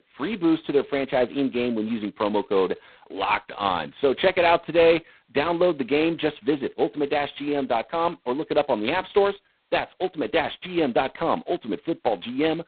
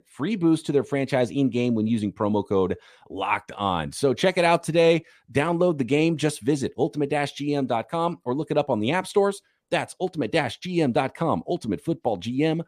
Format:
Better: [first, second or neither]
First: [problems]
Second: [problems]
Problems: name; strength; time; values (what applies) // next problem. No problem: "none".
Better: second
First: phone-call audio; poor line; nothing above 4 kHz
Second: none